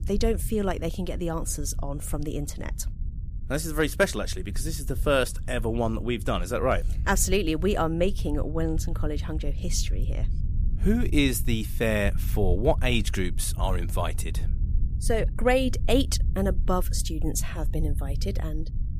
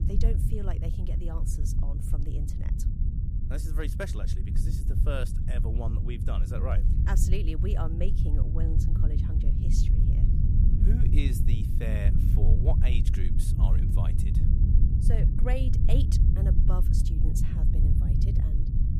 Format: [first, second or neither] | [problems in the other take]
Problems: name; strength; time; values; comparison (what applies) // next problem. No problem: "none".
first | low rumble; loud; throughout; 1 dB below the speech; faint in the first